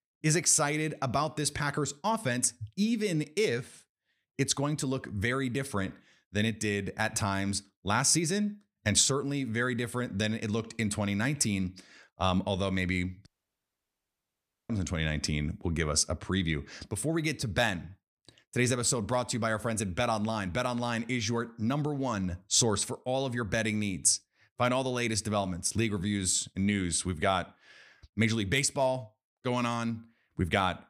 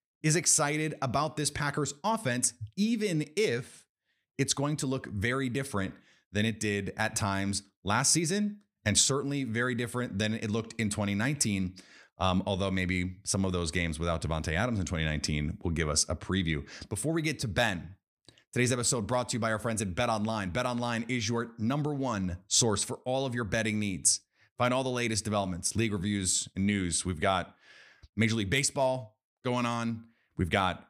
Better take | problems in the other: second | audio cutting out; at 13 s for 1.5 s

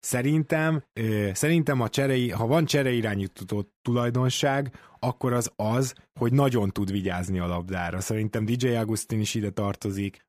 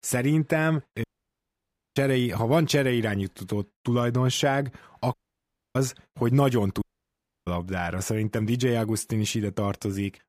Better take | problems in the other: first | audio cutting out; at 1 s for 1 s, at 5 s for 0.5 s and at 7 s for 0.5 s

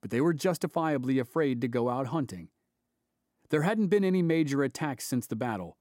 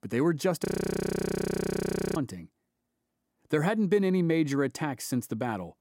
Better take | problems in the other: first | audio freezing; at 0.5 s for 1.5 s

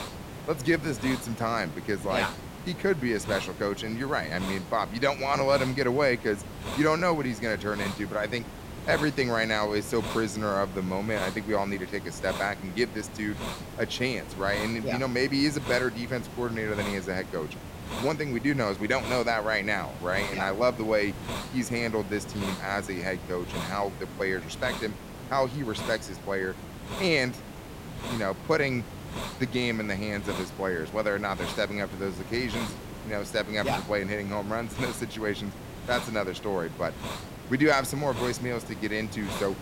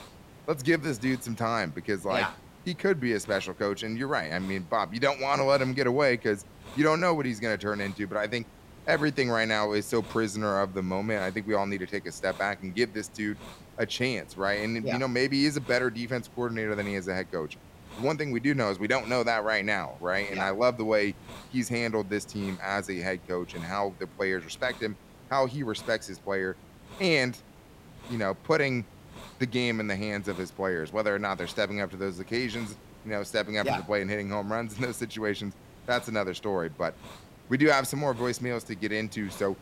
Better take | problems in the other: second | hiss; loud; throughout; 9 dB below the speech; faint in the second

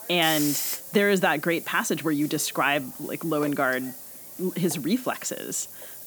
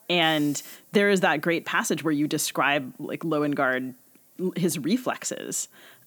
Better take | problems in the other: second | hiss; loud; throughout; 8 dB below the speech; faint in the second

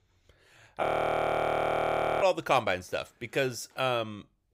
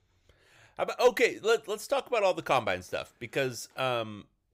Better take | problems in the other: second | audio freezing; at 1 s for 1.5 s

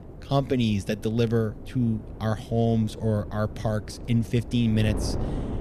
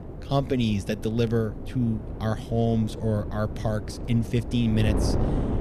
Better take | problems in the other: first | wind noise on the microphone; heavy; 8 dB below the speech; occasional gusts in the first

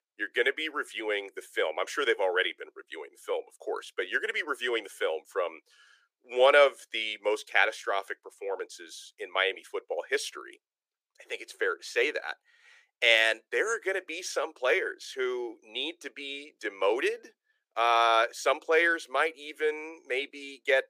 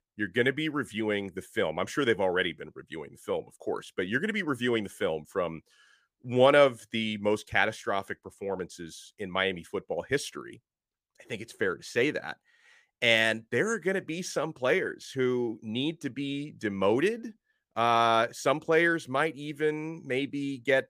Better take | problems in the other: second | thin; very; fading below 400 Hz

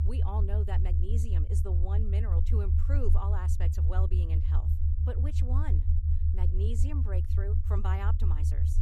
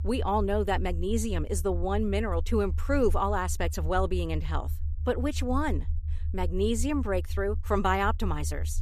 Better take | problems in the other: second | low rumble; loud; throughout; 2 dB below the speech; faint in the second

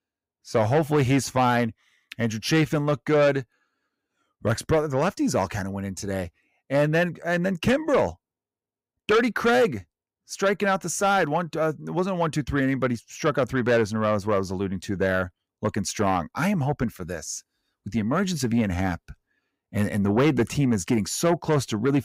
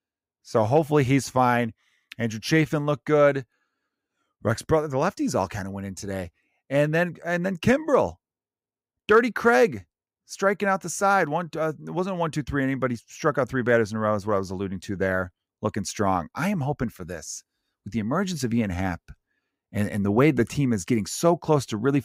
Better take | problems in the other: second | distortion; slight; 10 dB below the speech

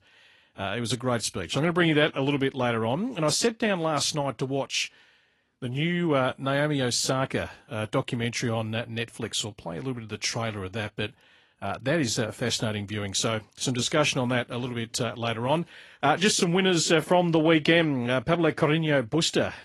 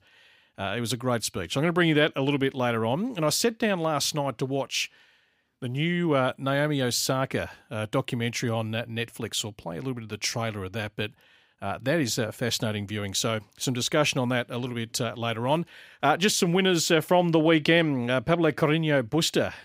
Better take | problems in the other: second | garbled, watery; slightly; nothing above 11.5 kHz

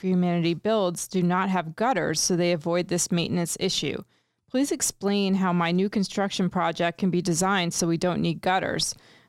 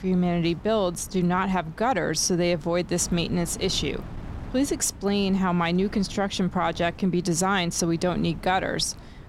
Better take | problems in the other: first | wind noise on the microphone; occasional gusts; 20 dB below the speech

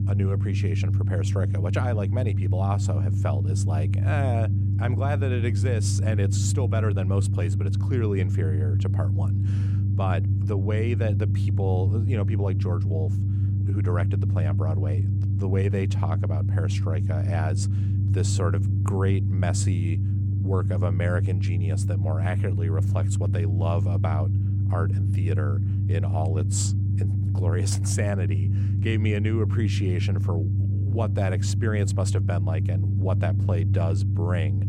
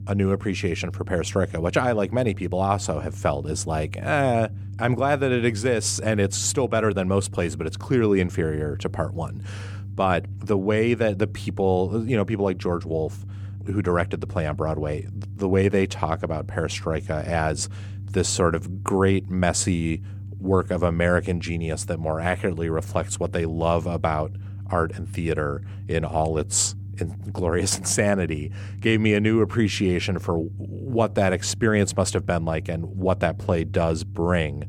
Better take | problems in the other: second | low rumble; loud; throughout; 4 dB below the speech; faint in the second

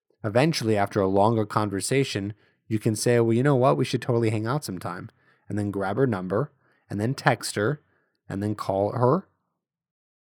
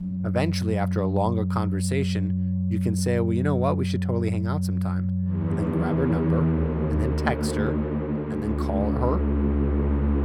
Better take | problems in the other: first | background music; very loud; throughout; 4 dB above the speech

